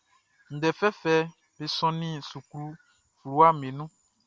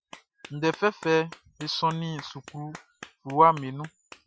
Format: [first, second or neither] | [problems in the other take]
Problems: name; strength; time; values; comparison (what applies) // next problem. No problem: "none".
first | noise reduction (classical method Wiener filter)